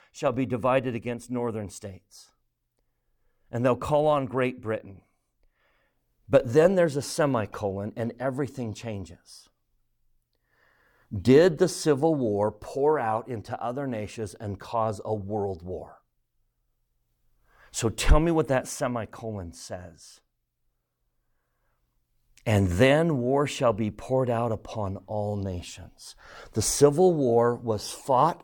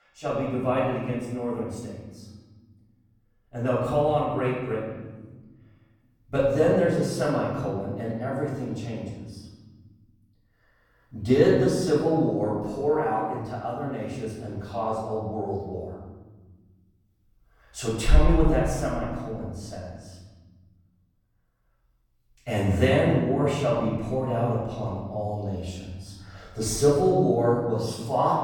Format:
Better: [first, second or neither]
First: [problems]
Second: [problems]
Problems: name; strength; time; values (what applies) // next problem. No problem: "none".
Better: first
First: none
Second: off-mic speech; far // room echo; noticeable; dies away in 1.4 s